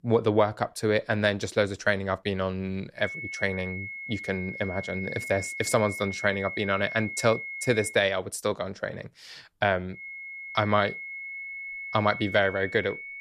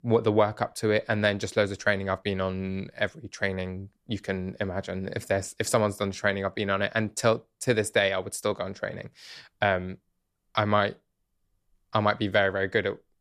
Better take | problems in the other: second | high-pitched whine; loud; from 3 to 8 s and from 10 s on; 2 kHz, 8 dB below the speech

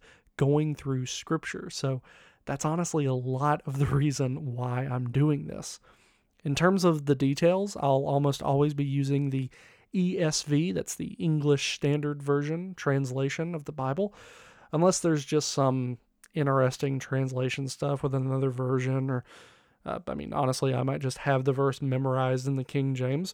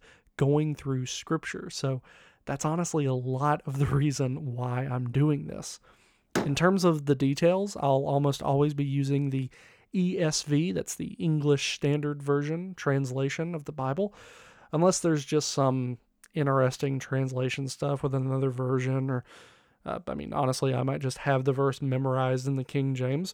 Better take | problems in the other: first | door banging; noticeable; at 6.5 s; peak 4 dB below the speech

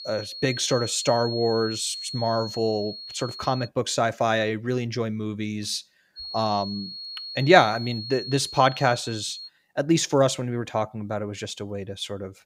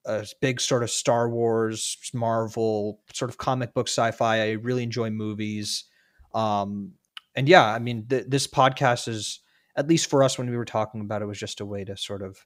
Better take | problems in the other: second | high-pitched whine; loud; until 3.5 s and from 6 to 9.5 s; 4.5 kHz, 9 dB below the speech

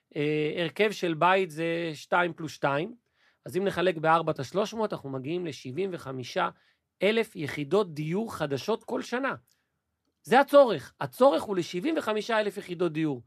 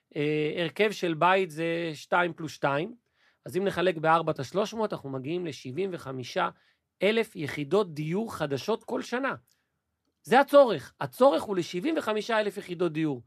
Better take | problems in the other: neither | none

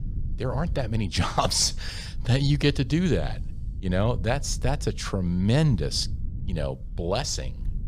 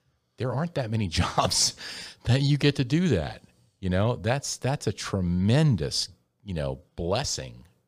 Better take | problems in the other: second | low rumble; faint; throughout; 25 dB below the speech

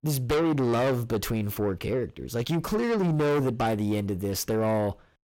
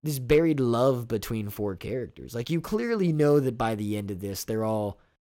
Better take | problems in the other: second | distortion; heavy; 7 dB below the speech

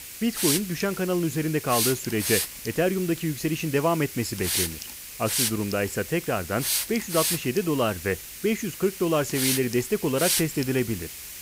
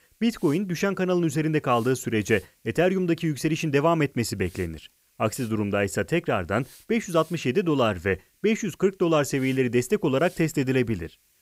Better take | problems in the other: second | hiss; loud; throughout; 2 dB below the speech; faint in the second

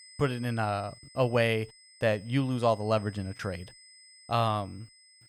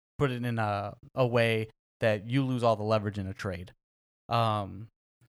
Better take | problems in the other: second | high-pitched whine; faint; throughout; 5 kHz, 20 dB below the speech

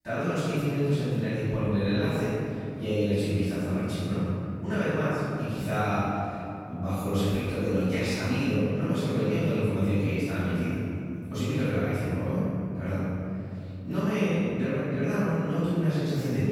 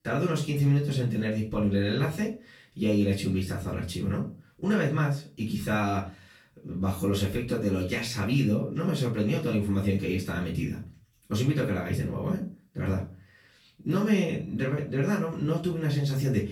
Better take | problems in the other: second | room echo; strong; dies away in 2.8 s; slight in the second // off-mic speech; far; far in the second

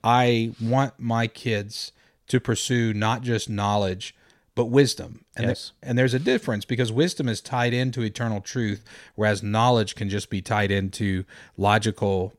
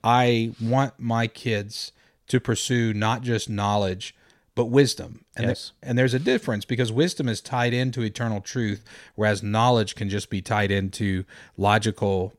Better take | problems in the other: neither | none

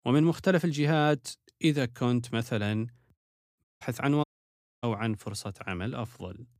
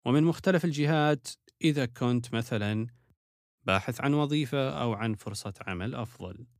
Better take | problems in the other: second | audio cutting out; at 3.5 s and at 4 s for 0.5 s

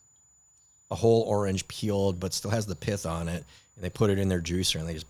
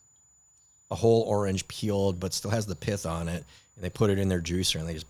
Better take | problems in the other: neither | high-pitched whine; faint; throughout; 7 kHz, 30 dB below the speech; the same in both

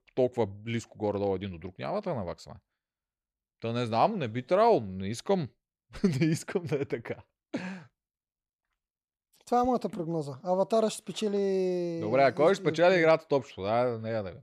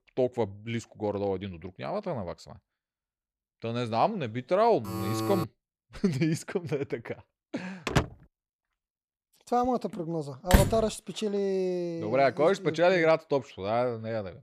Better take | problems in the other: first | alarm; noticeable; at 5 s; peak 2 dB below the speech // door banging; noticeable; at 8 s; peak level with the speech // door banging; loud; at 11 s; peak 4 dB above the speech

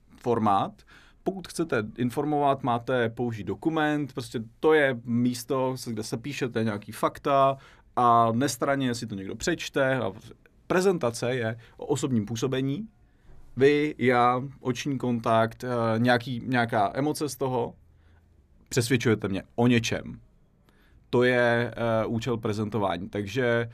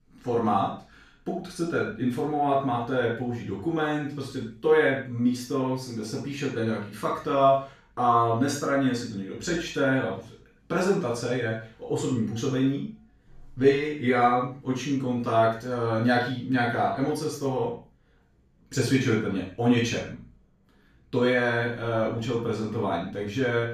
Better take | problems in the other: first | room echo; noticeable; dies away in 0.4 s // off-mic speech; far

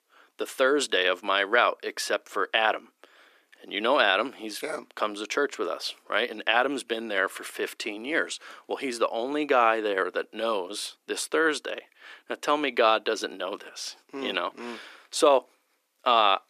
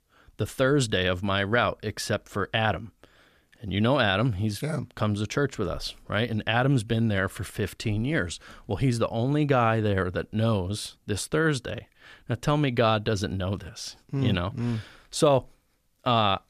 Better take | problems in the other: second | thin; very; fading below 300 Hz

